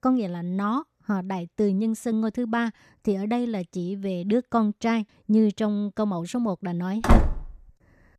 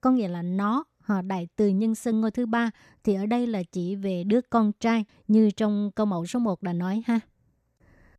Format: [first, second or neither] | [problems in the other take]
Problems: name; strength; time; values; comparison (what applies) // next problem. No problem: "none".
second | door banging; loud; at 7 s; peak 4 dB above the speech